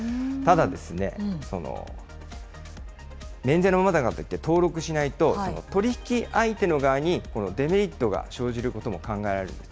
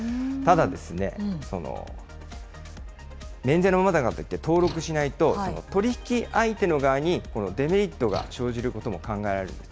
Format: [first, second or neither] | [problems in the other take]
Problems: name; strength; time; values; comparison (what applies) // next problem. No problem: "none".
first | background sound (Slam / Tools); 19 dB below the speech